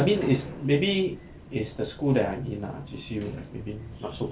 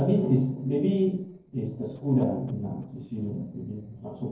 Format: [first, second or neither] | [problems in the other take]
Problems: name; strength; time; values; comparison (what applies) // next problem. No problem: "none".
first | noise reduction (neural separator model SepFormer DNS4)